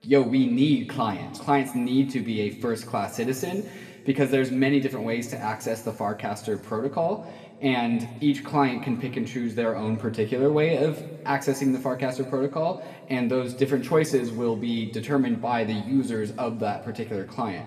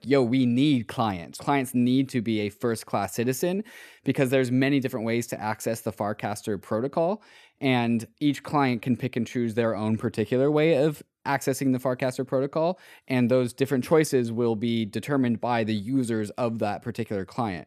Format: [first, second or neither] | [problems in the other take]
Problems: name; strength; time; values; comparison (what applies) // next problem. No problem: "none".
second | room echo; slight; dies away in 1.5 s // off-mic speech; somewhat distant